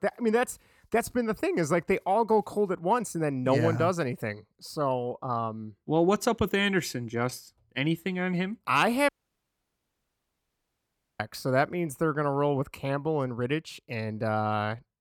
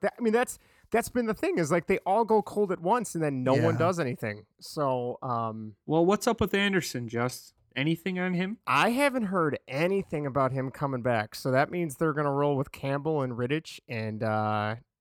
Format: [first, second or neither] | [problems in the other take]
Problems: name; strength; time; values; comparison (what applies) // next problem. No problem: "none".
second | audio cutting out; at 9 s for 2 s